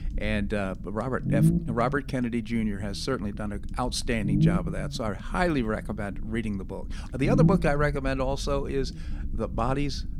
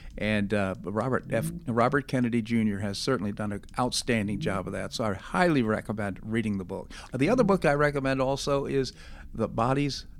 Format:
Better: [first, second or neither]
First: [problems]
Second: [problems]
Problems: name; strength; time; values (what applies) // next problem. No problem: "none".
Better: second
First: low rumble; loud; throughout; 6 dB below the speech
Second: low rumble; faint; throughout; 20 dB below the speech